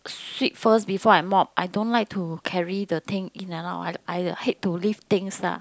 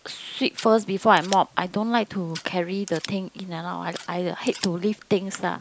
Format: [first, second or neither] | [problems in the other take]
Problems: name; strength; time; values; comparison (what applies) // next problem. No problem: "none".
first | background sound (Scissors); 17 dB below the speech